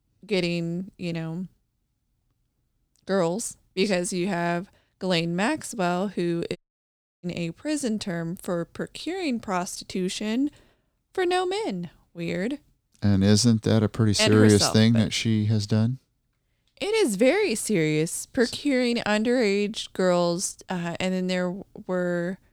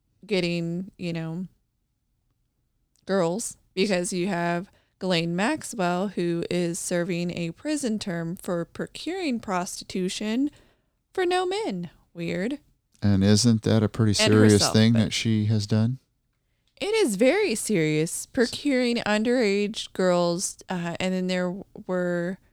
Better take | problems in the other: second | audio cutting out; at 6.5 s for 0.5 s

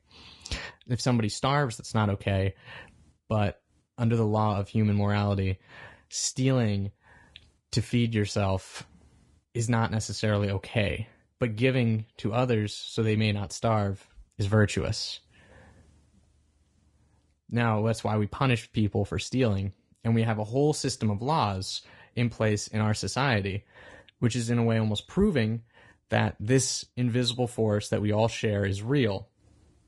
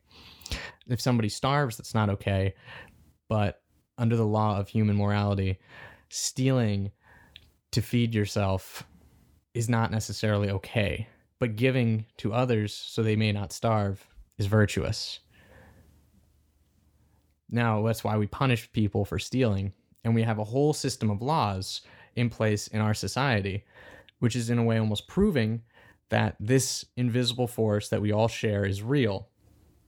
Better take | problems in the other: second | garbled, watery; slightly; nothing above 10.5 kHz

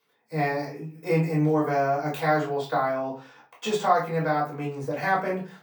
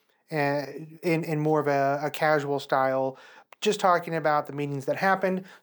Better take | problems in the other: second | off-mic speech; far // room echo; slight; dies away in 0.3 s

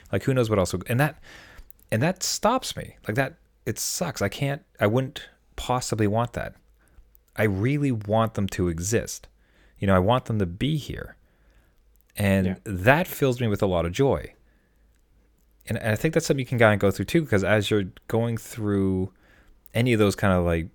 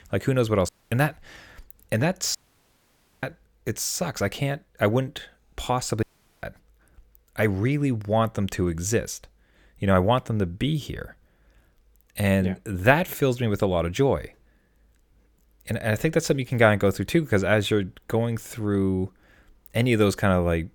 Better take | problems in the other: first | audio cutting out; at 0.5 s, at 2.5 s for 1 s and at 6 s

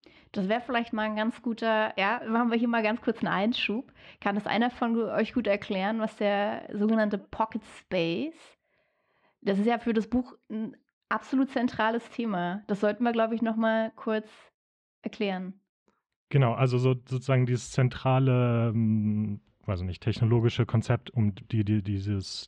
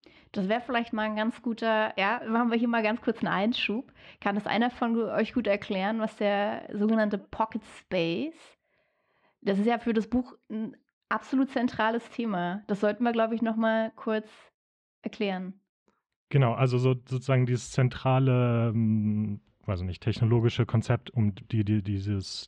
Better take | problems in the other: neither | muffled; slightly; fading above 4 kHz; the same in both

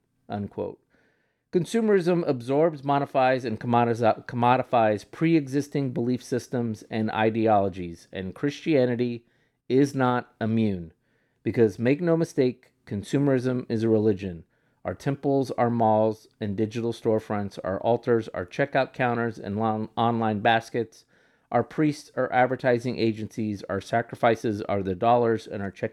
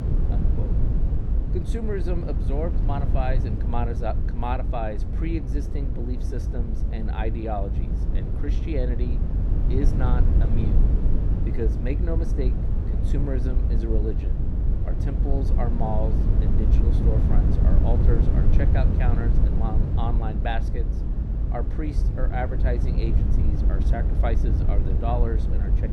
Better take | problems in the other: first | low rumble; loud; throughout; 4 dB below the speech

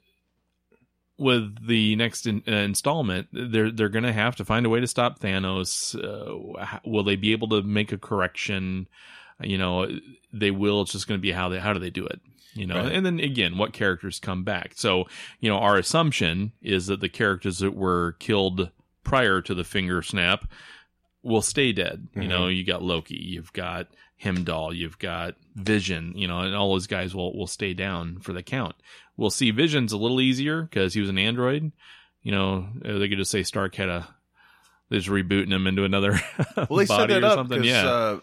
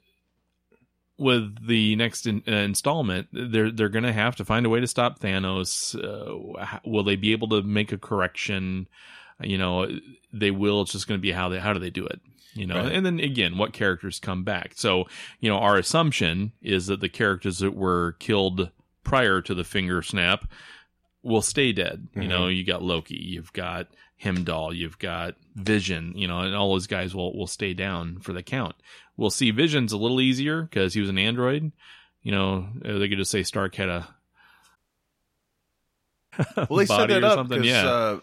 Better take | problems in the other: first | audio cutting out; at 35 s for 1.5 s

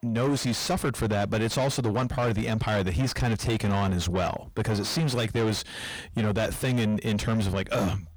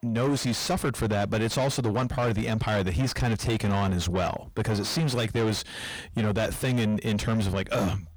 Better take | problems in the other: neither | distortion; heavy; 6 dB below the speech; the same in both

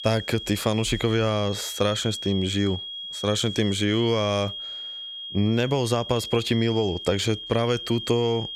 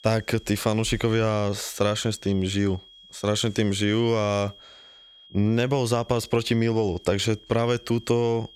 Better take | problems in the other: second | high-pitched whine; loud; throughout; 3.5 kHz, 8 dB below the speech; faint in the second

